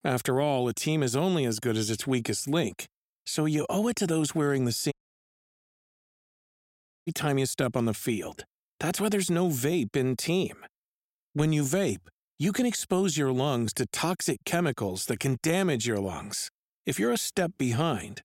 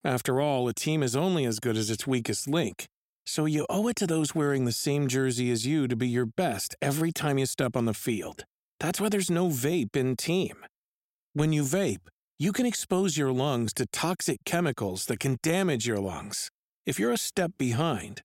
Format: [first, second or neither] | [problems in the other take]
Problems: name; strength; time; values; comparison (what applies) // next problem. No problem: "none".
second | audio cutting out; at 5 s for 2 s